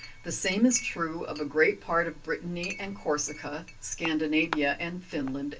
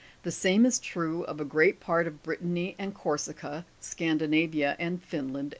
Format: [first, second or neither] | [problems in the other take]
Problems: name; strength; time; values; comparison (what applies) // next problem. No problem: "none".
second | background sound (Chink, clink); 16 dB below the speech // room echo; dies away in 0.2 s